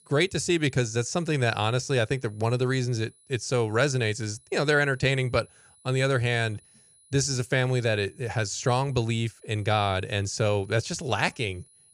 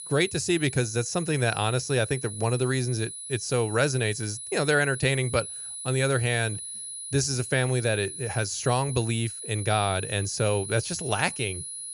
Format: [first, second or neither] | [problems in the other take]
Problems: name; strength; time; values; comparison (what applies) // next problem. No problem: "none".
first | high-pitched whine; loud; throughout; 10 kHz, 8 dB below the speech; faint in the first